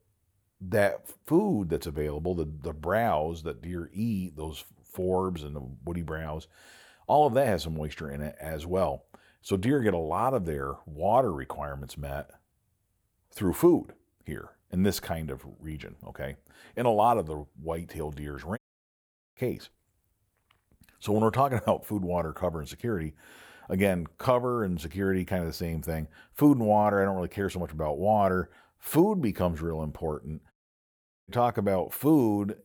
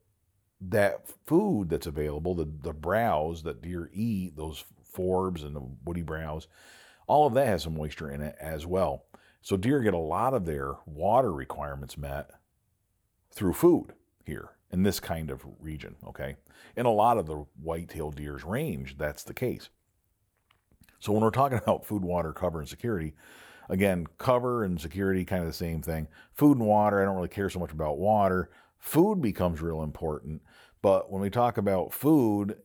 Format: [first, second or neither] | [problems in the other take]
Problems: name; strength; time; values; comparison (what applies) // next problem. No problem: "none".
second | audio cutting out; at 19 s for 1 s and at 31 s for 1 s